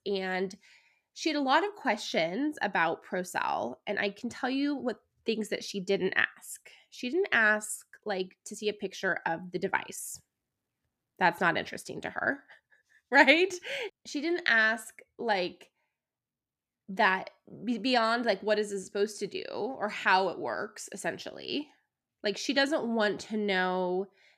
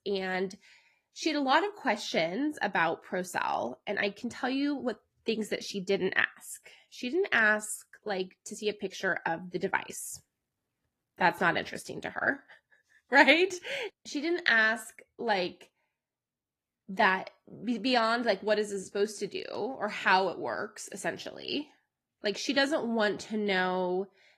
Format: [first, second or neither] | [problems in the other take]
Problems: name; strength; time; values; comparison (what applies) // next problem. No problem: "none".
first | garbled, watery; slightly